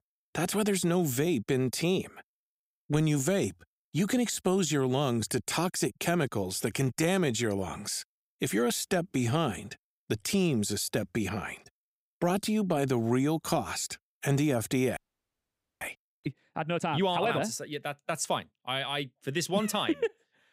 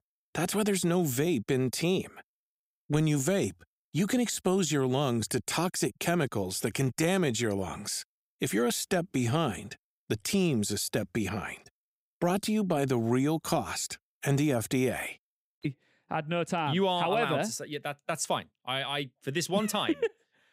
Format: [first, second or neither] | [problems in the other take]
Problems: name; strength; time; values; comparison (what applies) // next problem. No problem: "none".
second | audio freezing; at 15 s for 1 s